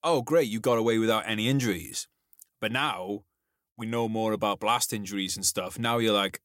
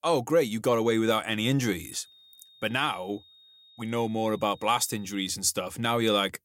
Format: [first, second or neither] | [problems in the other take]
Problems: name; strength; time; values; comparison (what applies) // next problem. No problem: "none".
first | high-pitched whine; faint; from 2 to 5.5 s; 3.5 kHz, 25 dB below the speech